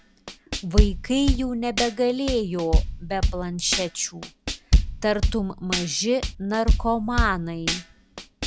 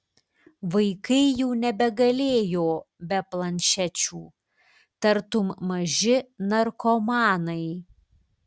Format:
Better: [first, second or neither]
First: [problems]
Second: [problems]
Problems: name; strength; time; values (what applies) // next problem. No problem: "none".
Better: second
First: background sound (Drum / Drum kit); 1 dB above the speech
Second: none